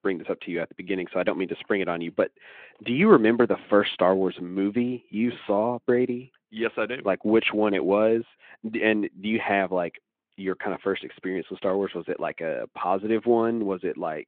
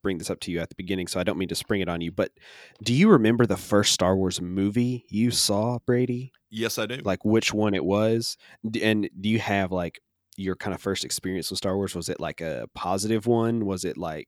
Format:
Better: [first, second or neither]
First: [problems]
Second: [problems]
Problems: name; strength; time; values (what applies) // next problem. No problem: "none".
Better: second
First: phone-call audio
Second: none